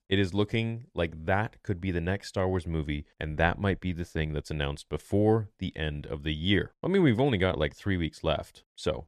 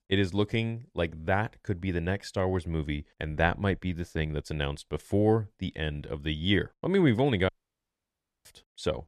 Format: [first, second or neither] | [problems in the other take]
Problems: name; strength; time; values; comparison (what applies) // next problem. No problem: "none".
first | audio cutting out; at 7.5 s for 1 s